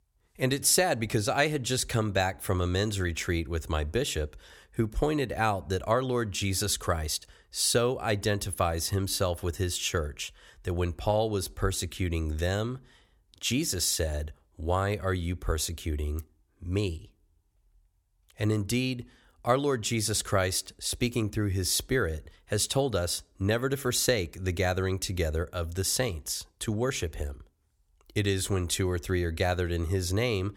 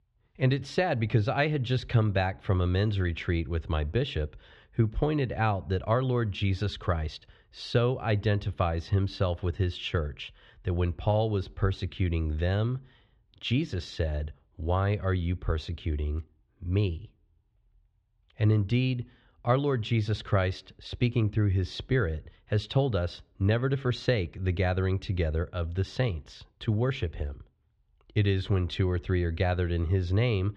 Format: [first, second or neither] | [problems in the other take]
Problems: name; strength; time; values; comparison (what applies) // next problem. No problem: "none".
first | muffled; slightly; fading above 3.5 kHz